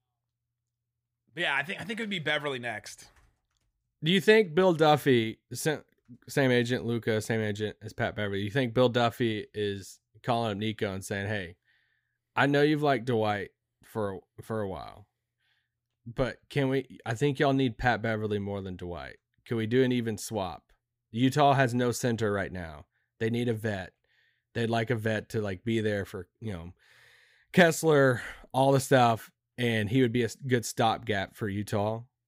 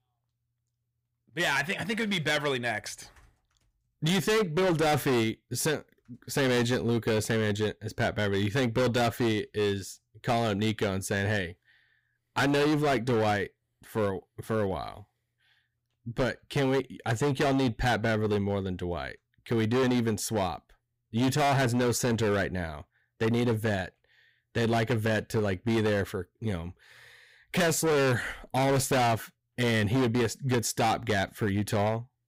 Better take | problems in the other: first | distortion; heavy; 14% of the sound clipped

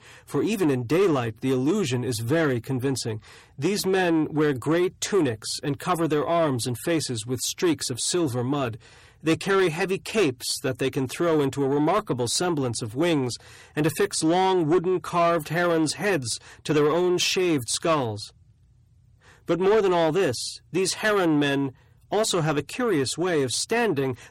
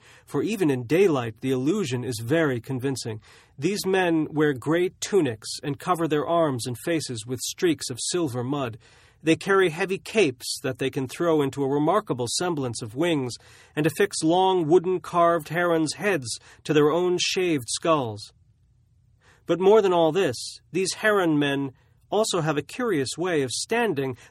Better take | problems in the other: second | distortion; slight; 10 dB below the speech

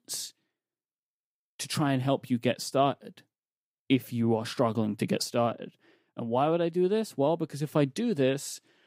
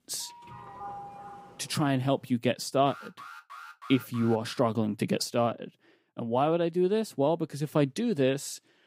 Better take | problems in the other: first | doorbell; faint; until 2 s; peak 15 dB below the speech // alarm; faint; from 3 to 4.5 s; peak 15 dB below the speech

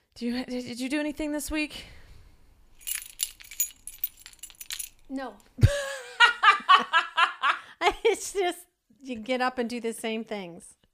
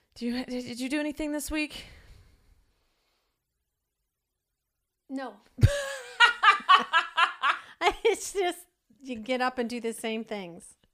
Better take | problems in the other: second | jangling keys; noticeable; from 3 to 5 s; peak 5 dB below the speech

